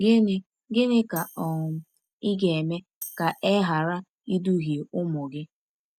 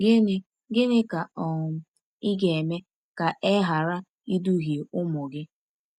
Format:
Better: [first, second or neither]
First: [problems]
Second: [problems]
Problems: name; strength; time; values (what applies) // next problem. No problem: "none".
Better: second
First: background sound (Tambourine); 18 dB below the speech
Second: none